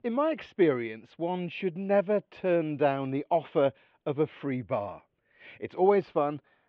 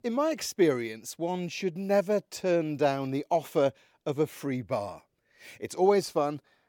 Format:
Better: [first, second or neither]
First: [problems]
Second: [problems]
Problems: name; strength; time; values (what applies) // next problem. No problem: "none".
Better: second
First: muffled; very; fading above 3 kHz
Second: none